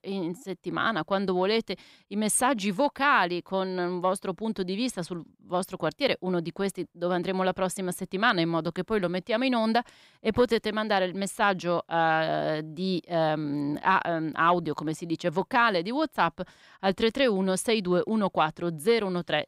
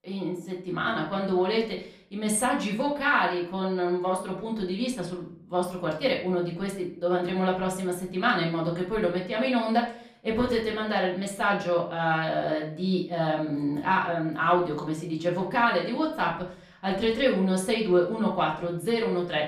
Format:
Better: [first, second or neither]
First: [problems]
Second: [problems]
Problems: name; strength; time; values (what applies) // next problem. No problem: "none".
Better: first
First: none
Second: off-mic speech; far // room echo; slight; dies away in 0.4 s